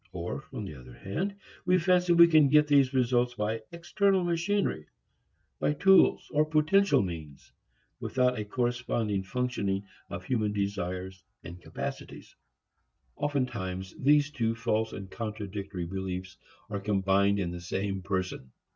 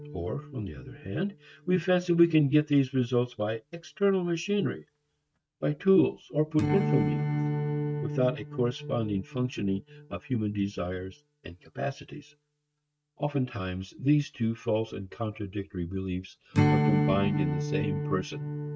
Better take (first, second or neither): first